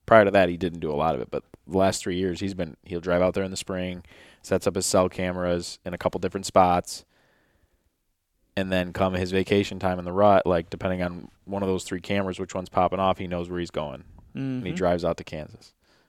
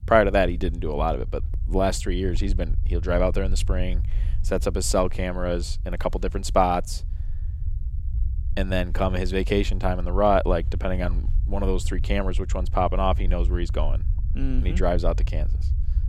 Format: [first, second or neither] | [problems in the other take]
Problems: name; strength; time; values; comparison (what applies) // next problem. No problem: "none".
first | low rumble; faint; throughout; 20 dB below the speech